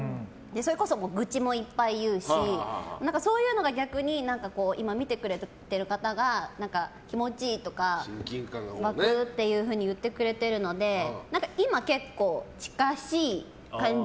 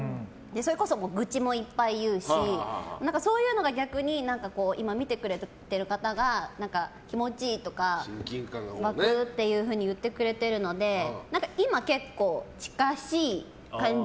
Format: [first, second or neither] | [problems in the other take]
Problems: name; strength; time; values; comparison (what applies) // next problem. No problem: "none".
first | background sound (Whoosh, swoosh, swish); 19 dB below the speech